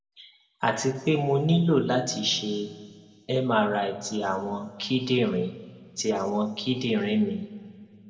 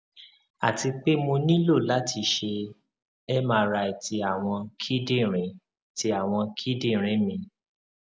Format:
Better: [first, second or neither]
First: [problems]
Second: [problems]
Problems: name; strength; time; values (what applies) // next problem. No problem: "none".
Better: second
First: room echo; dies away in 1.3 s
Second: none